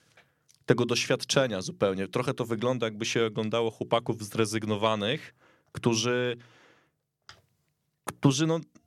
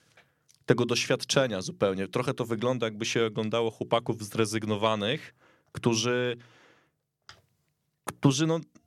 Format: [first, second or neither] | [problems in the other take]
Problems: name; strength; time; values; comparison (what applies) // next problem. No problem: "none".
neither | none